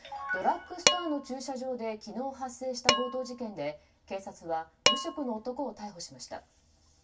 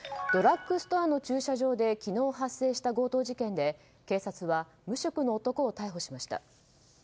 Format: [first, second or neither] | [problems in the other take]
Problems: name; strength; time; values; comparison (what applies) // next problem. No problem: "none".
second | background sound (Dishes, pots, and pans); 1 dB above the speech // room echo; dies away in 0.2 s